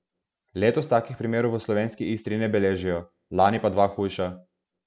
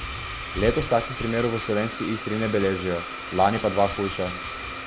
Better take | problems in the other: first | background sound (Domestic sounds, home sounds); 7 dB below the speech

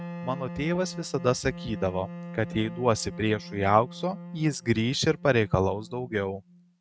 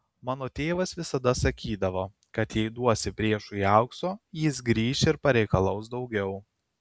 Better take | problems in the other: second | noise reduction (neural mask model RNNoise)

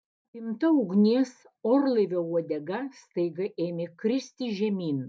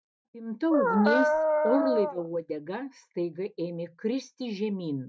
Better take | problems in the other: first | noise reduction (neural mask model RNNoise)

